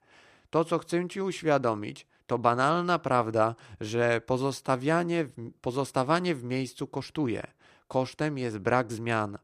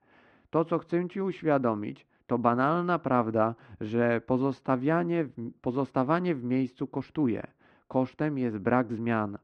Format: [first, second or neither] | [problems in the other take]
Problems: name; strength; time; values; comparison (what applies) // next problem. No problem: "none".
first | muffled; very; fading above 2 kHz